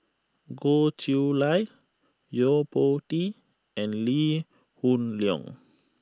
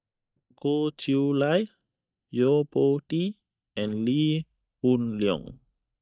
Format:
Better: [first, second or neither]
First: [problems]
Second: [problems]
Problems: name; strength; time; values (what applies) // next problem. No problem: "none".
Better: first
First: none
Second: noise reduction (neural mask model DeepFilterNet 3)